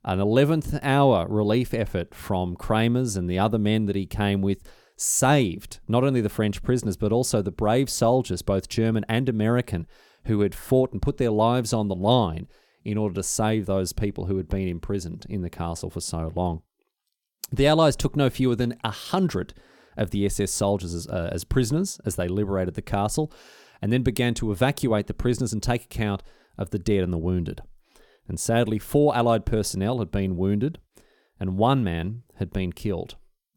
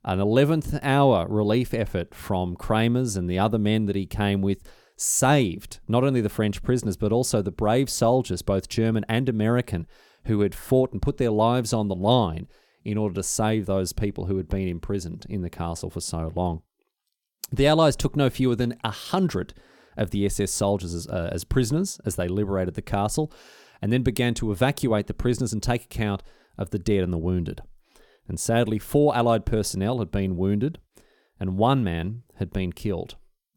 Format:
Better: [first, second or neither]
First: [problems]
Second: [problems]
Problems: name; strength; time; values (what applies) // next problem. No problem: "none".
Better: neither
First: none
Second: none